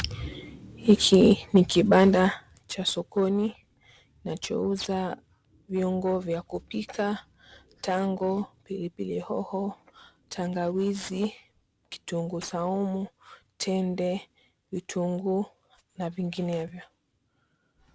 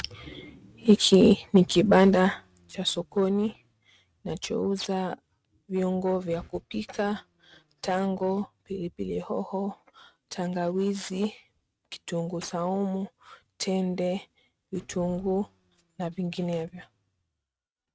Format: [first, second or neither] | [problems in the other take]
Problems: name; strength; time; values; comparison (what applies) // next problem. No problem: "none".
first | noise reduction (neural mask model RNNoise)